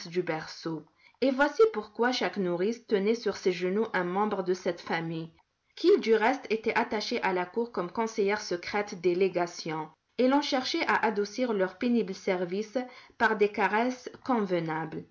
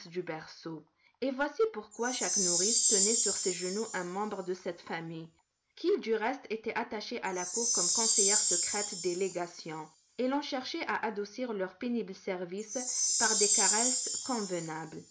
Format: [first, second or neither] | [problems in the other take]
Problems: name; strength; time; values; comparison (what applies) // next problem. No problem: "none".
first | background sound (Chime); 2 dB above the speech